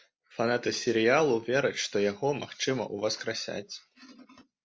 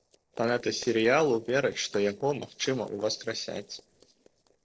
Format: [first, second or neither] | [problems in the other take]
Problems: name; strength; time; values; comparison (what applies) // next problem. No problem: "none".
first | noise reduction (neural separator model SepFormer DNS4)